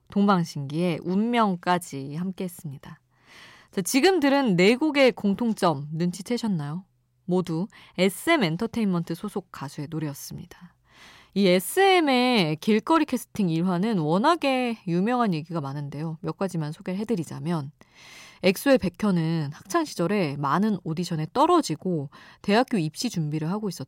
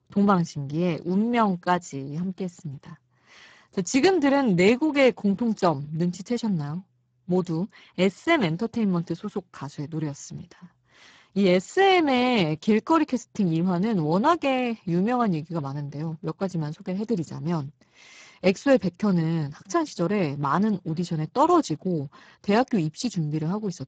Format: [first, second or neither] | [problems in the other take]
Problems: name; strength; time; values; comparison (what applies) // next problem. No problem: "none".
first | garbled, watery; badly; nothing above 7.5 kHz